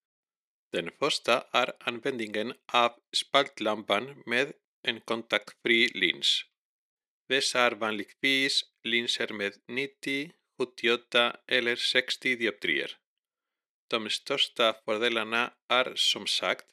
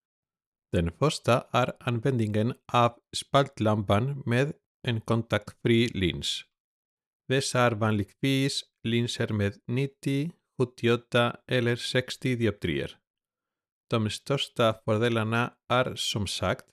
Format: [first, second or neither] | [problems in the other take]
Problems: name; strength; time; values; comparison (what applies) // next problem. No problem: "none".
second | thin; somewhat; fading below 300 Hz